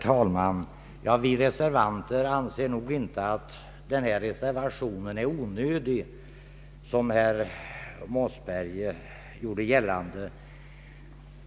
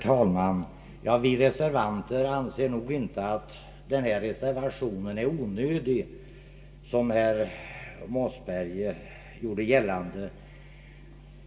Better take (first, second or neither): first